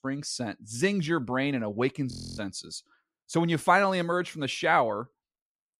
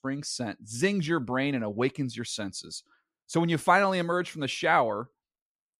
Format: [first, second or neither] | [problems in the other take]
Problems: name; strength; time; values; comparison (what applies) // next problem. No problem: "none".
second | audio freezing; at 2 s